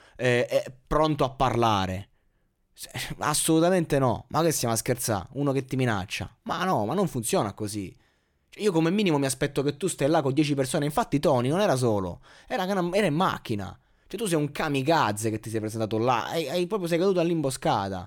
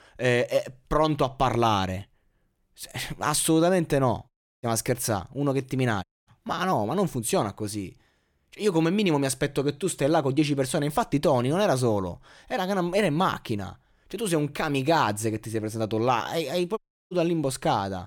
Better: first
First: none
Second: audio cutting out; at 4.5 s, at 6 s and at 17 s

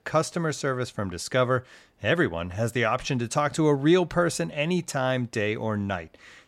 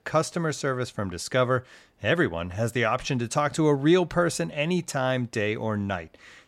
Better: neither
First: none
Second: none

